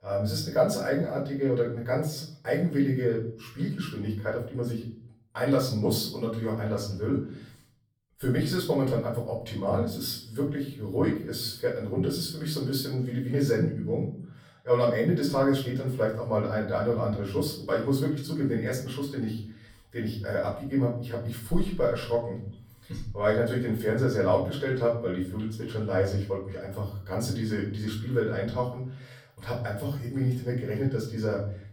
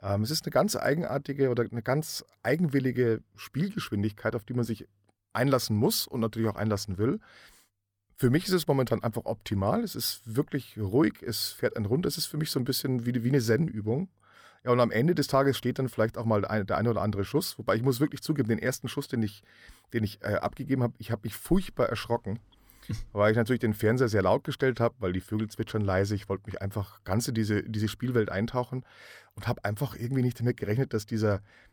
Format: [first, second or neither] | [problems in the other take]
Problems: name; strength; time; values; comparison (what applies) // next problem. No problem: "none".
second | off-mic speech; far // room echo; slight; dies away in 0.5 s